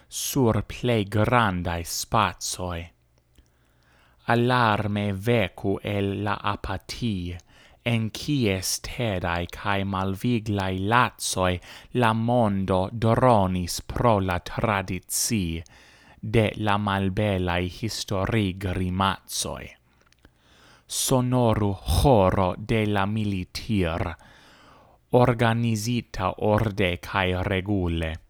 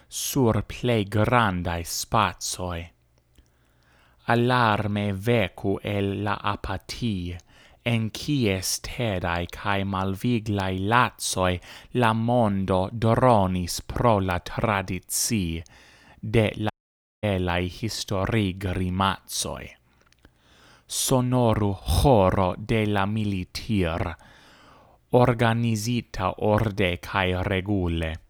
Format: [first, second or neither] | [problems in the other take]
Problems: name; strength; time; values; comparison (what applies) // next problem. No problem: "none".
first | audio cutting out; at 17 s for 0.5 s